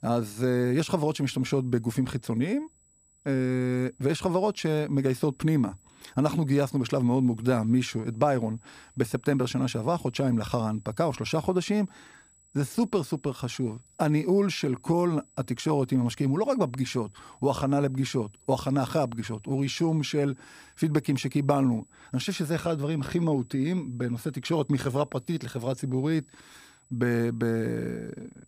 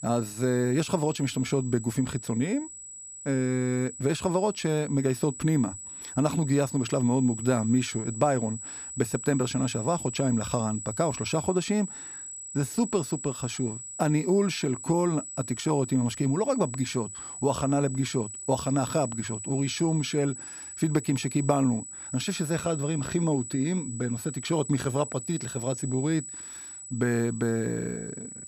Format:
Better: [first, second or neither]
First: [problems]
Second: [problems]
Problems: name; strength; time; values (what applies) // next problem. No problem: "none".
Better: first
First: high-pitched whine; faint; throughout; 8 kHz, 30 dB below the speech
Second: high-pitched whine; loud; throughout; 8 kHz, 10 dB below the speech